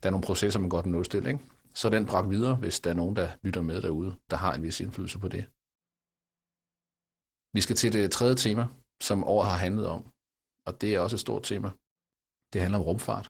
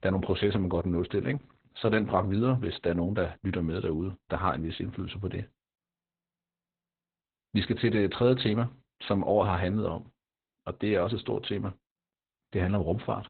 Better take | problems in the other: first | garbled, watery; badly; nothing above 4 kHz; slightly in the first

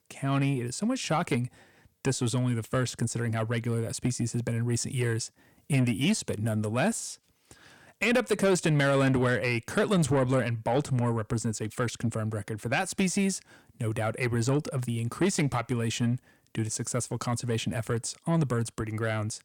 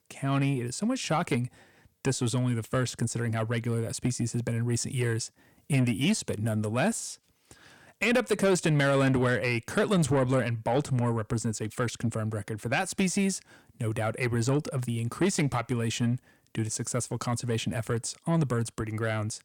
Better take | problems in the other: neither | distortion; slight; 10 dB below the speech; the same in both

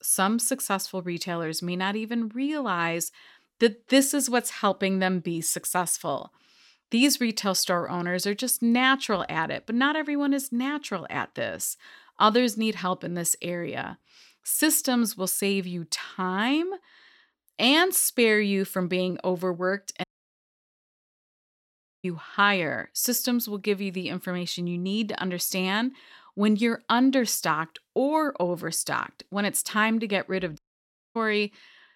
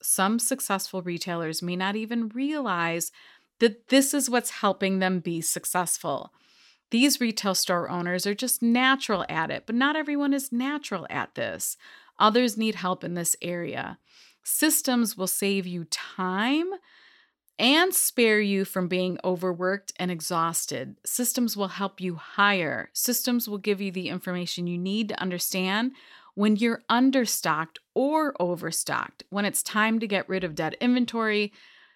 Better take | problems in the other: second | audio cutting out; at 20 s for 2 s and at 31 s for 0.5 s

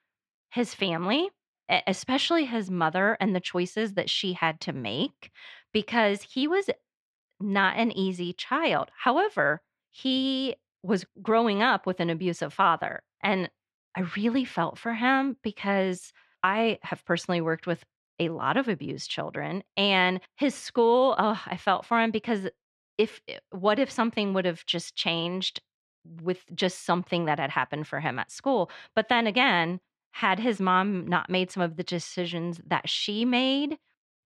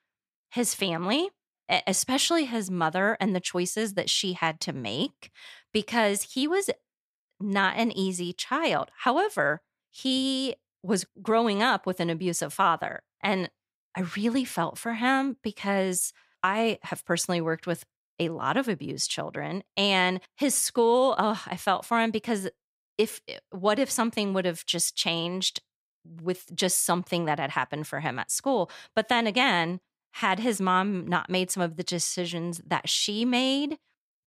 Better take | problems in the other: second | muffled; slightly; fading above 3 kHz

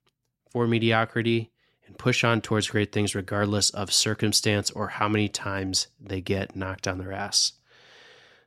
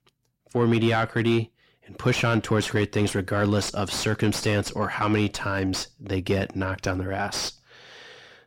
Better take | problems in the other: first | distortion; heavy; 6 dB below the speech

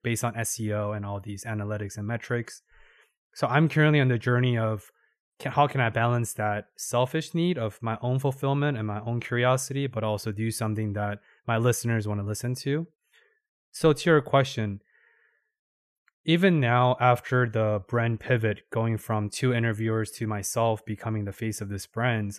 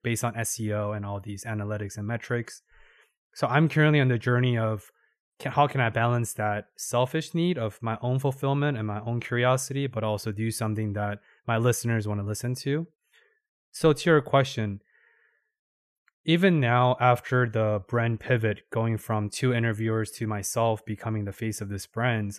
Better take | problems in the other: neither | none

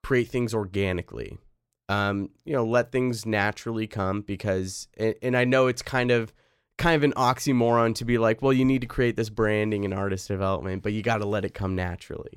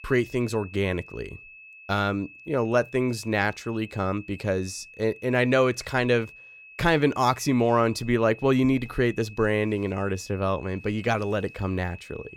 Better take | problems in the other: first | high-pitched whine; noticeable; throughout; 2.5 kHz, 20 dB below the speech

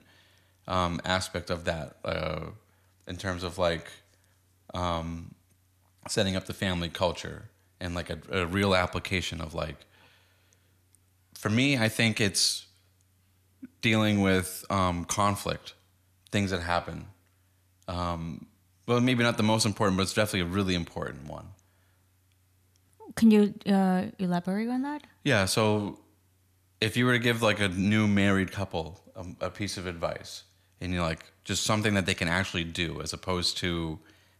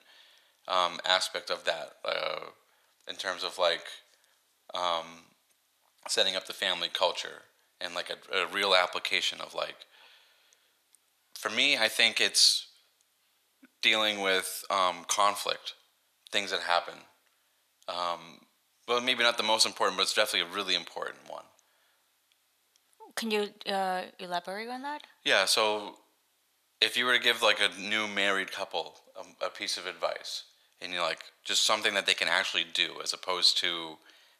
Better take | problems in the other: first | thin; very; fading below 650 Hz

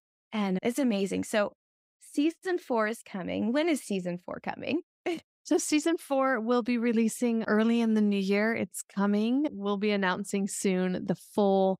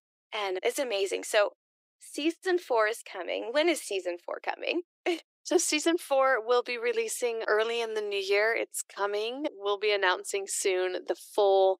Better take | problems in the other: first | thin; very; fading below 350 Hz

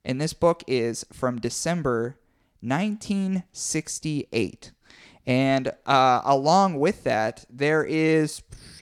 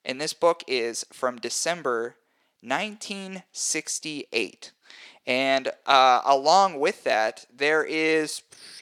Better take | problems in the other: first | thin; somewhat; fading below 450 Hz

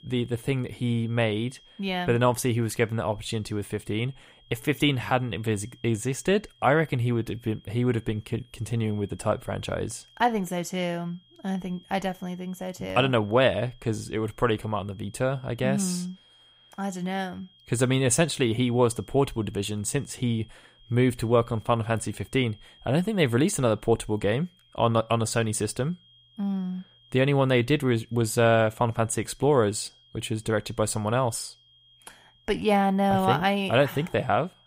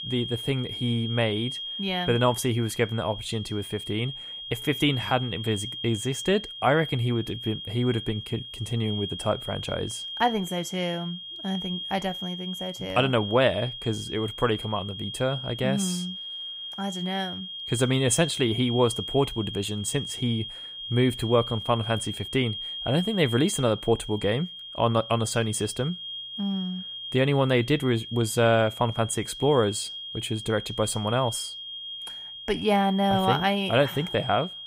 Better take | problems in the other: first | high-pitched whine; loud; throughout; 3 kHz, 8 dB below the speech; faint in the first

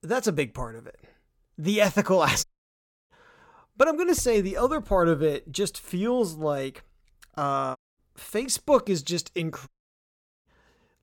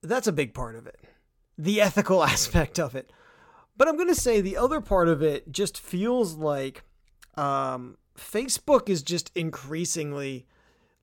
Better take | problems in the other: second | audio cutting out; at 2.5 s for 0.5 s, at 8 s and at 9.5 s for 1 s

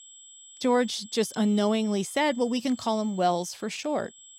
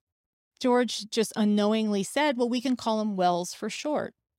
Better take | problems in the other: second | high-pitched whine; faint; throughout; 7.5 kHz, 20 dB below the speech

